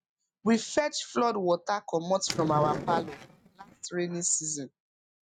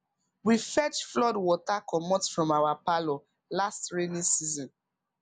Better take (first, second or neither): second